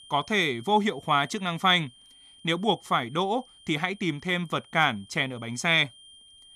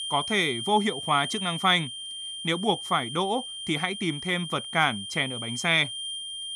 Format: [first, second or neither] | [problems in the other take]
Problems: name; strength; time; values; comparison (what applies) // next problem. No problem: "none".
first | high-pitched whine; loud; throughout; 3 kHz, 7 dB below the speech; faint in the first